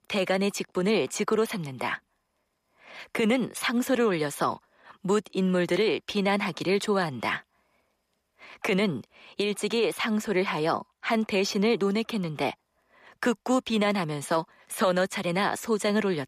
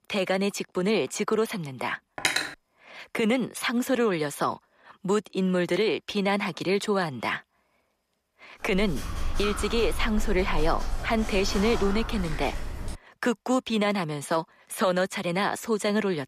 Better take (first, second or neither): first